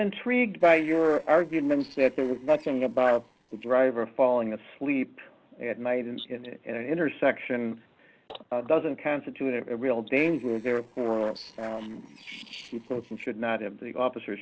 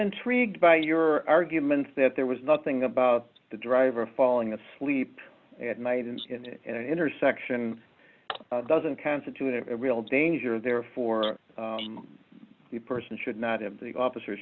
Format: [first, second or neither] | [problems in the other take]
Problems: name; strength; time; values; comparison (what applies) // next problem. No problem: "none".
second | noise reduction (neural separator model SepFormer DNS4)